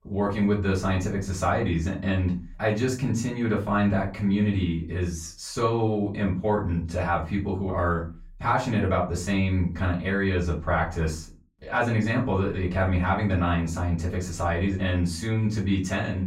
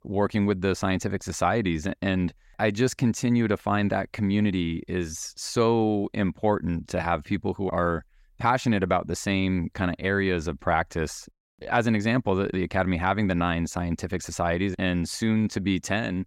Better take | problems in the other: second | off-mic speech; far // room echo; slight; dies away in 0.3 s

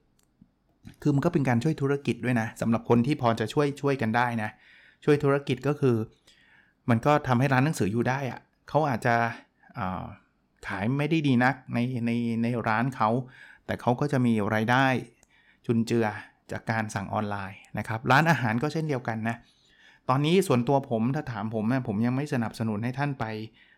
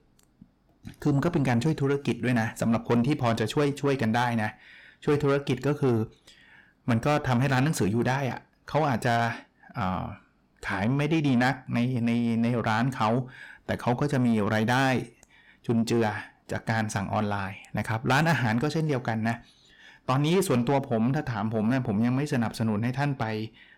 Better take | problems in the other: first | distortion; slight; 10 dB below the speech

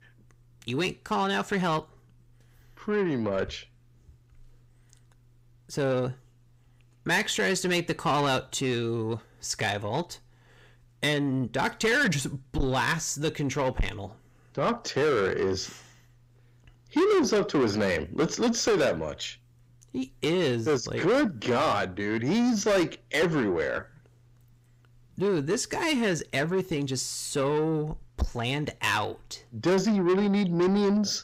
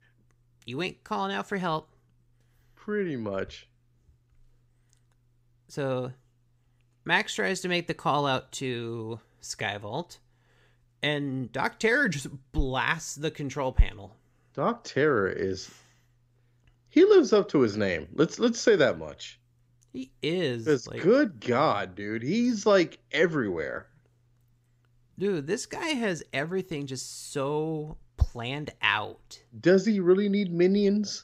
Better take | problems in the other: second | distortion; heavy; 6 dB below the speech

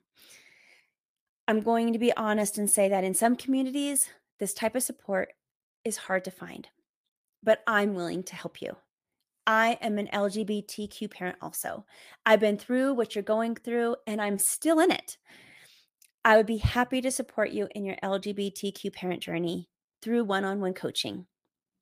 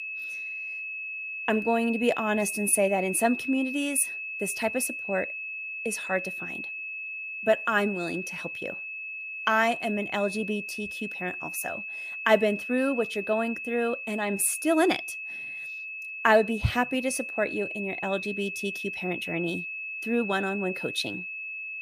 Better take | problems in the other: first | high-pitched whine; loud; throughout; 2.5 kHz, 6 dB below the speech

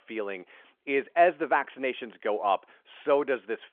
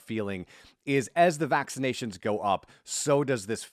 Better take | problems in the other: second | phone-call audio; nothing above 3.5 kHz

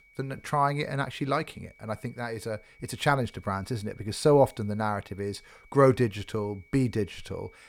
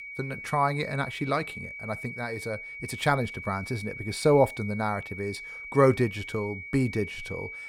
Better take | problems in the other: first | high-pitched whine; loud; throughout; 2.5 kHz, 10 dB below the speech; faint in the first

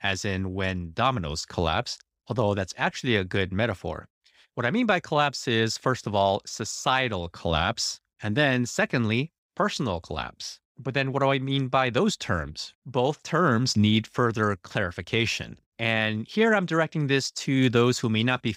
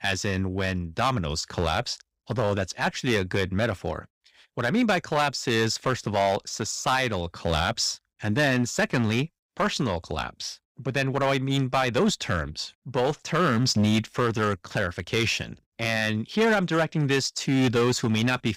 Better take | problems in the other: first | distortion; slight; 6% of the sound clipped

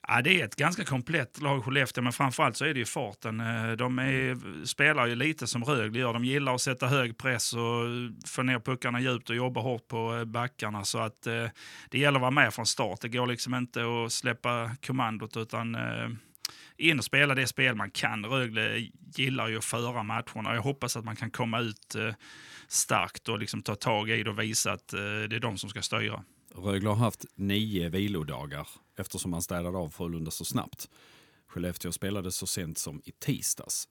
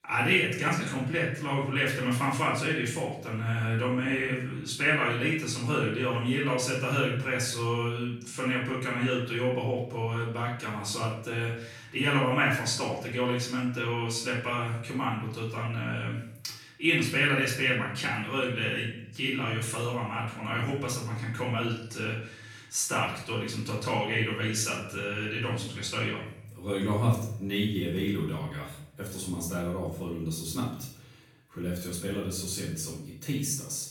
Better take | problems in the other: first | off-mic speech; far // room echo; noticeable; dies away in 0.6 s

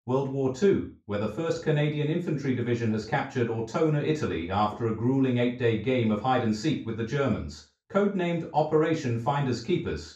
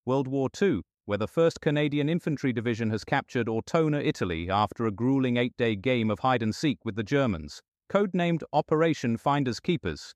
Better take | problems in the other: second | room echo; slight; dies away in 0.3 s // off-mic speech; far

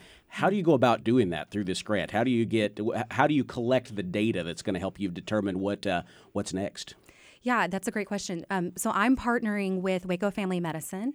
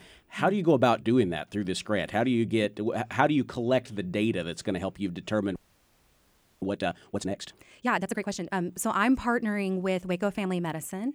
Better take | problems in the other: first | audio freezing; at 5.5 s for 1 s

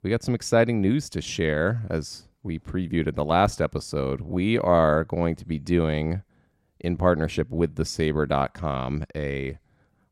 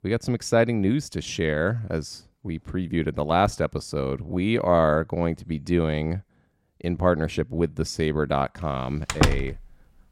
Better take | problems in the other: first | door banging; loud; at 9 s; peak 2 dB above the speech

